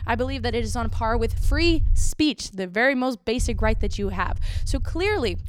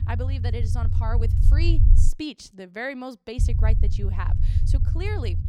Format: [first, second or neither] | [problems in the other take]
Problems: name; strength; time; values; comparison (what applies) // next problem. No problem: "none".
first | low rumble; loud; until 2 s and from 3.5 s on; 6 dB below the speech; faint in the first